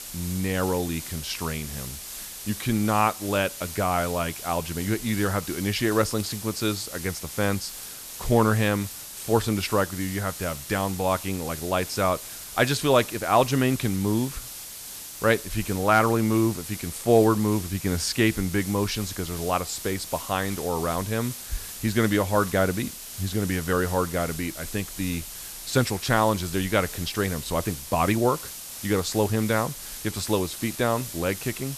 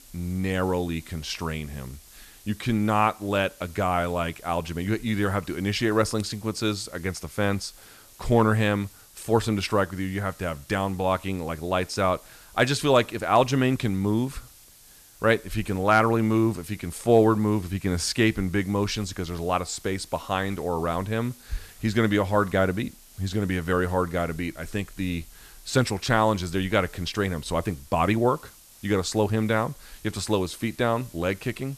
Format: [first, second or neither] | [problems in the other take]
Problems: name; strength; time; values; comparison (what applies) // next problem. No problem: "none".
second | hiss; loud; throughout; 10 dB below the speech; faint in the second